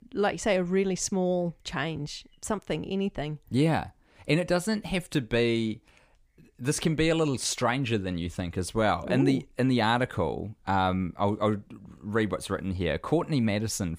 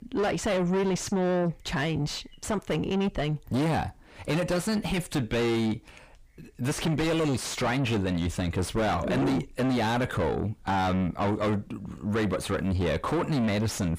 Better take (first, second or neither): first